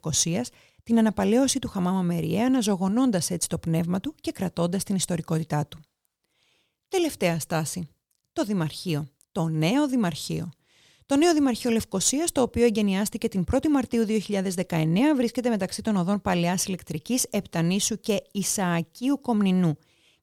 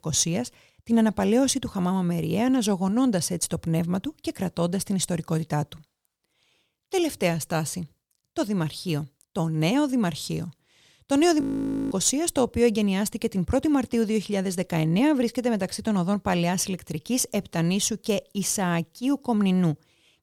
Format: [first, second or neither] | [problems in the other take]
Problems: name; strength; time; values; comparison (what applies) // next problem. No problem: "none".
first | audio freezing; at 11 s for 0.5 s